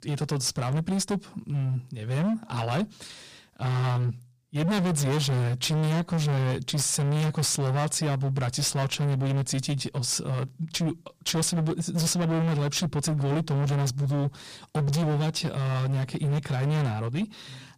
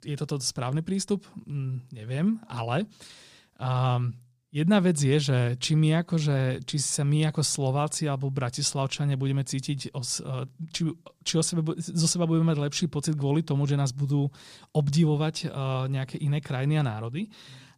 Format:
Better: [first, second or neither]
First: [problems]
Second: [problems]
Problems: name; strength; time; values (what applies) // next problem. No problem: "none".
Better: second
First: distortion; heavy; 28% of the sound clipped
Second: none